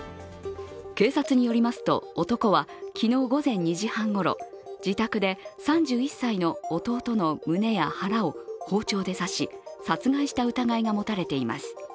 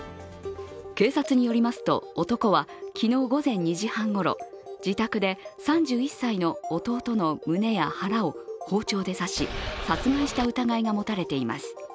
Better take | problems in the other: first | background sound (Boat, Water vehicle); 7 dB below the speech

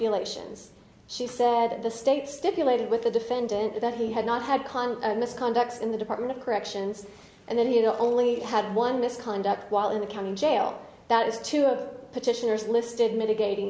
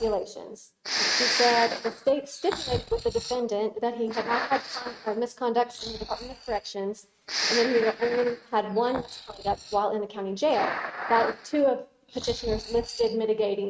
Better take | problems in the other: first | noise reduction (neural mask model RNNoise)

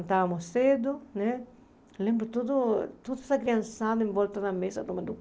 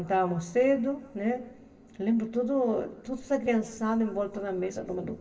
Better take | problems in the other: first | room echo; dies away in 2.4 s

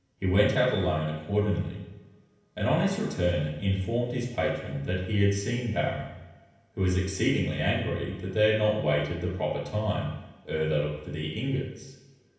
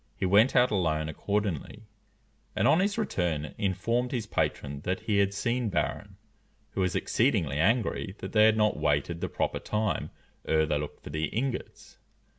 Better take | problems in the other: second | room echo; dies away in 0.9 s

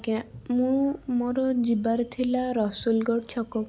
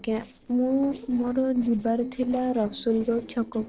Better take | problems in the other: first | noise reduction (neural separator model SepFormer DNS4)

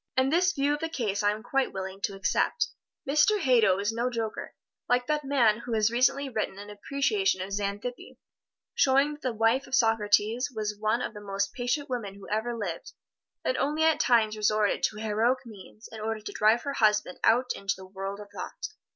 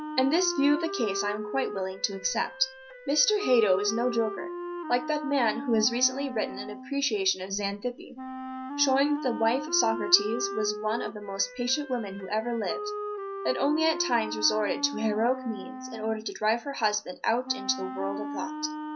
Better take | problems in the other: first | background sound (Wind instrument, woodwind instrument); 8 dB below the speech // room echo; dies away in 0.4 s

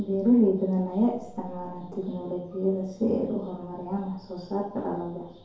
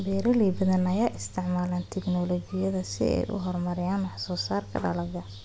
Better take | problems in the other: second | room echo; dies away in 2.3 s

